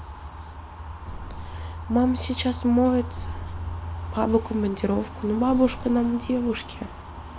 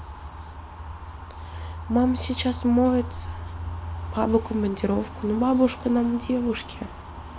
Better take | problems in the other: second | background sound (Boom); 17 dB below the speech

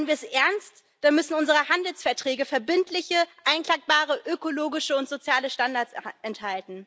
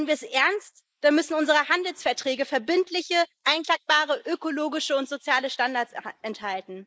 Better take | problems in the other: first | noise reduction (neural mask model Resemble Enhance denoiser)

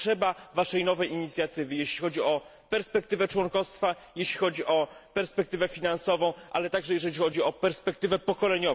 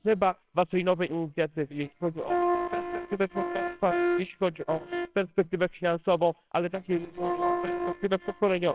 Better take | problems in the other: first | noise reduction (neural separator model SepFormer WHAMR!)

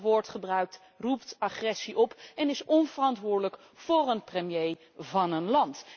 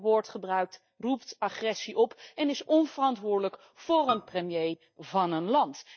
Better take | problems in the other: first | noise reduction (neural mask model DeepFilterNet 3)

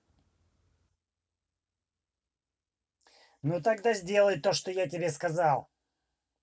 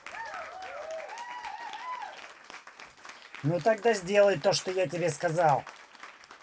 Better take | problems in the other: first | background sound (Applause / Cheering); 13 dB below the speech

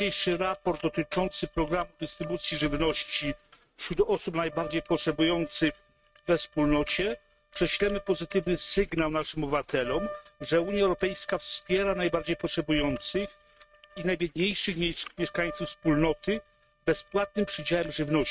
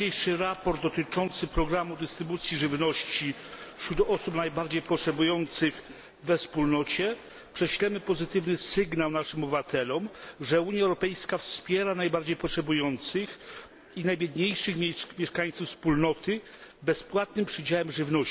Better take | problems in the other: second | noise reduction (neural mask model RNNoise)

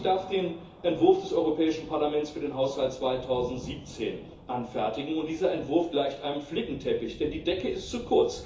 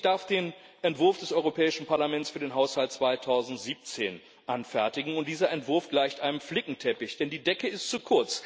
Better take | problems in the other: second | background sound (Thunder); 18 dB below the speech // room echo; dies away in 0.7 s

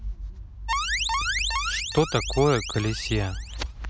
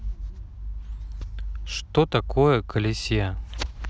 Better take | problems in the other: second | background sound (Alarm); 3 dB below the speech

